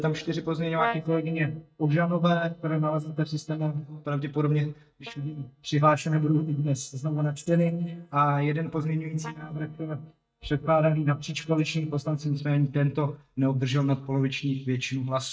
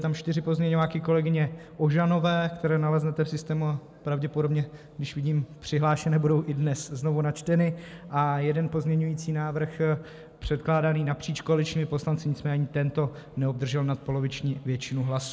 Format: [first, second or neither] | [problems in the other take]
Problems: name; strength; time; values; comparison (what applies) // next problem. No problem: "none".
second | noise reduction (neural mask model DeepFilterNet 3)